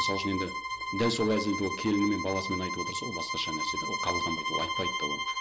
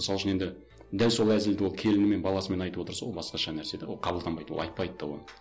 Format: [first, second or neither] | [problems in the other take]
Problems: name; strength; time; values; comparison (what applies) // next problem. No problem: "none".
second | background sound (Bowed string instrument); 1 dB below the speech